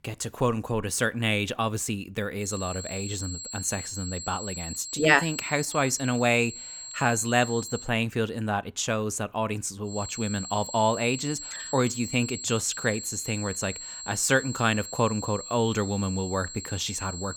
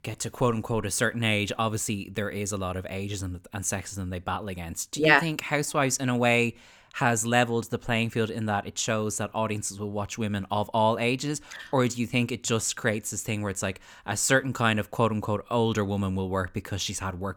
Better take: second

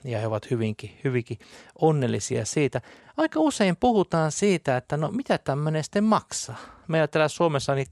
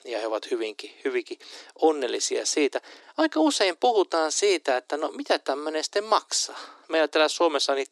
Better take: first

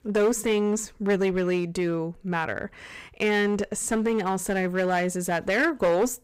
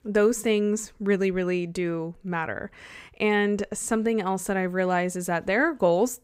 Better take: second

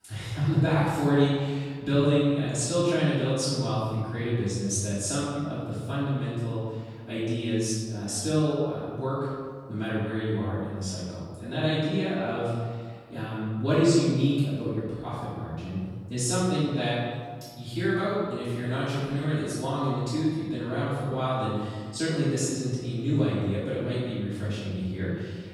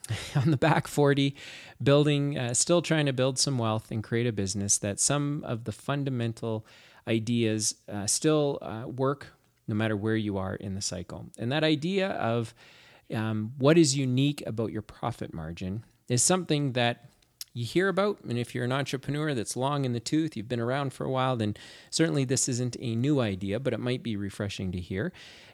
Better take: second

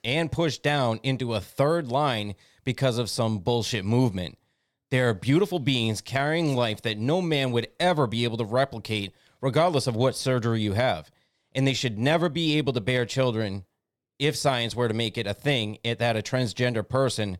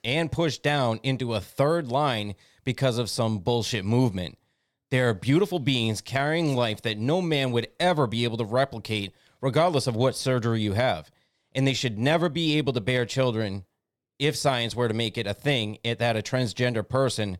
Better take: neither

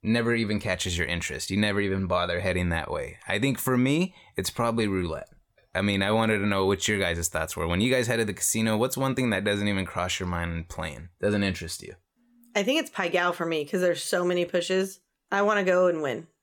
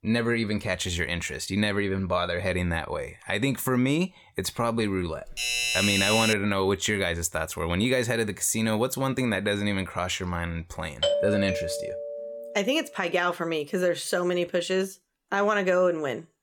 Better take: first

